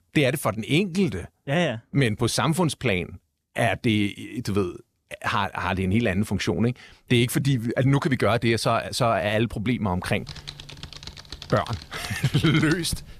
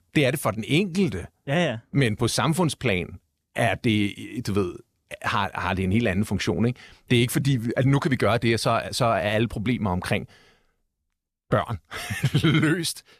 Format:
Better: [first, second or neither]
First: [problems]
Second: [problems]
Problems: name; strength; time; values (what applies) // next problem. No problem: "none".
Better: second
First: keyboard typing; faint; from 10 s on; peak 10 dB below the speech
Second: none